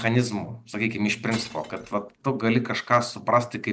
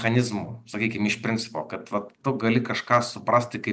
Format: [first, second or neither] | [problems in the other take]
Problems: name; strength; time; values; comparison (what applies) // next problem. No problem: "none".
second | background sound (Glass); 17 dB below the speech